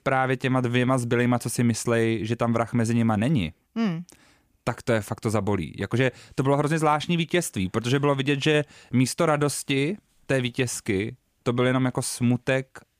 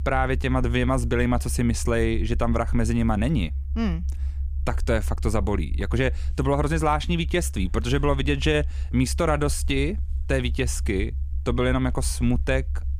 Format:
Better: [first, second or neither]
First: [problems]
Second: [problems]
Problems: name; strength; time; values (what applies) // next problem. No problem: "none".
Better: first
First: none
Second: low rumble; faint; throughout; 25 dB below the speech